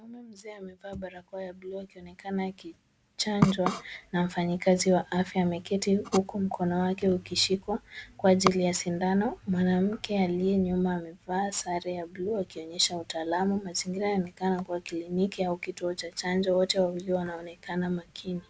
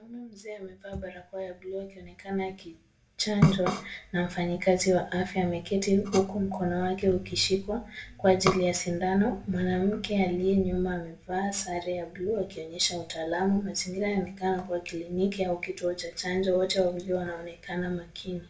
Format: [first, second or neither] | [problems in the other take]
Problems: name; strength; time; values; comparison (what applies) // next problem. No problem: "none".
first | room echo; dies away in 0.2 s